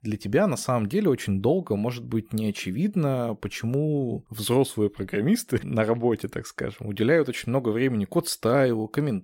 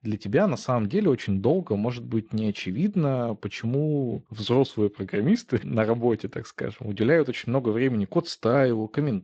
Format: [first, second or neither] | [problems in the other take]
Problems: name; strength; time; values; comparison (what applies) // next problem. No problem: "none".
first | garbled, watery; slightly; nothing above 7.5 kHz